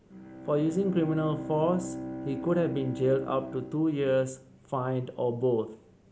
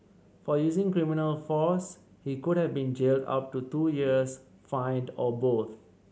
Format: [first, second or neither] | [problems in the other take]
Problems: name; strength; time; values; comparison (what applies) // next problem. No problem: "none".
second | background sound (Bowed string instrument); 11 dB below the speech